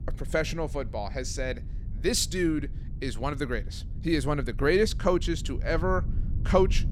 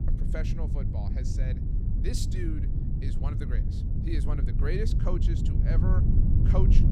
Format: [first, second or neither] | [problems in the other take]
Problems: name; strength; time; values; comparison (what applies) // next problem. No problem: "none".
first | low rumble; loud; throughout; 1 dB below the speech; faint in the first